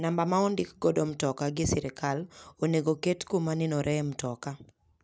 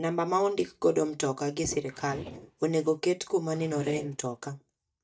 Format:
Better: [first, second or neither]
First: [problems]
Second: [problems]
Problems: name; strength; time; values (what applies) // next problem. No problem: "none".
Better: first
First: none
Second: noise reduction (neural mask model DeepFilterNet 3)